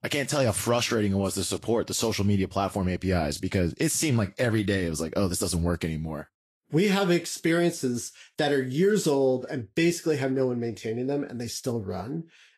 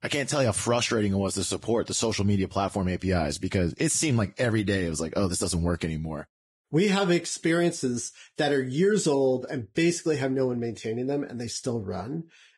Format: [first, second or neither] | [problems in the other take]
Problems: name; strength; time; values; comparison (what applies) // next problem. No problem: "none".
first | garbled, watery; badly; nothing above 10.5 kHz; slightly in the first